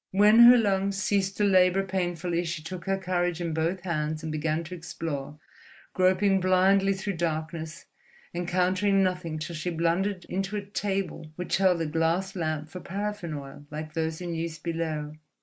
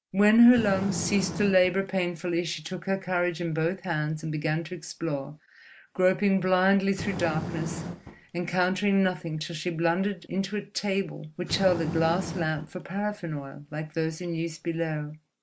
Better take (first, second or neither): first